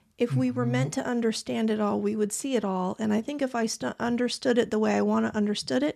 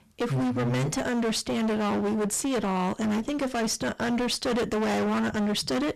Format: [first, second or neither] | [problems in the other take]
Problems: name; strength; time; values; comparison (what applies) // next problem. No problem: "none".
first | distortion; heavy; 38% of the sound clipped